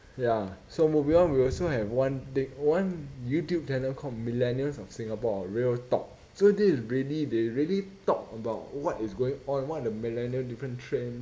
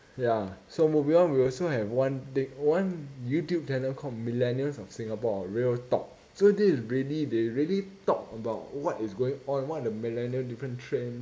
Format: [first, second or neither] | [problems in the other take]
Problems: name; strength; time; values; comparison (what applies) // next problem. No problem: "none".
second | background sound (Thunder); 20 dB below the speech